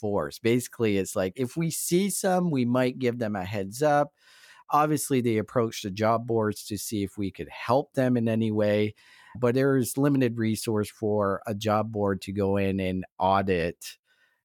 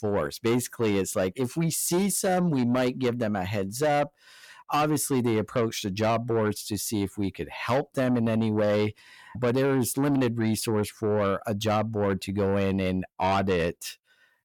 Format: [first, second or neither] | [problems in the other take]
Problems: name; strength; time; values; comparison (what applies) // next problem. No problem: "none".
first | distortion; slight; 10 dB below the speech